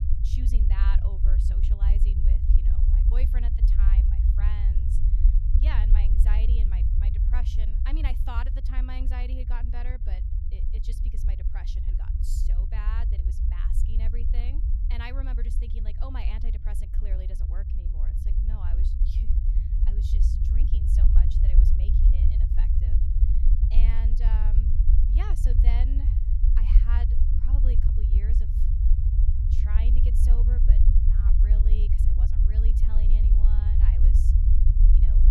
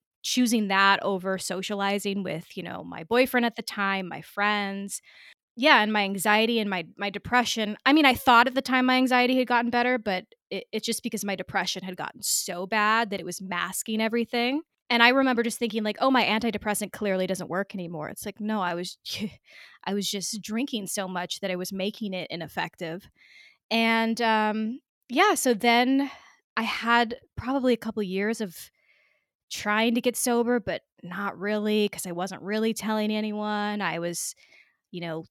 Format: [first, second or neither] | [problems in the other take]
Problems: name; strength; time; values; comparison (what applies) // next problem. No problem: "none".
second | low rumble; loud; throughout; as loud as the speech